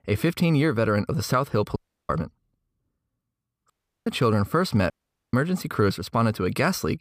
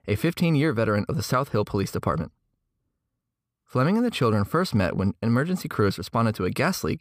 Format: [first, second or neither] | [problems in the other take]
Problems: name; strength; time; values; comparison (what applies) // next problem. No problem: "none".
second | audio cutting out; at 2 s, at 3.5 s and at 5 s